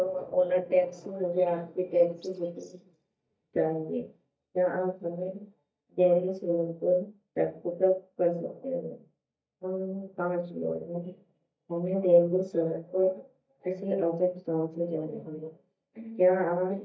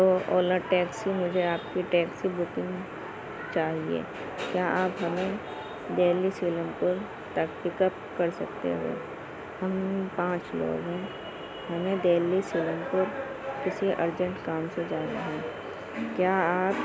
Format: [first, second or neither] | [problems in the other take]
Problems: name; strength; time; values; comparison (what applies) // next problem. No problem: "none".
second | noise reduction (neural mask model DeepFilterNet 3)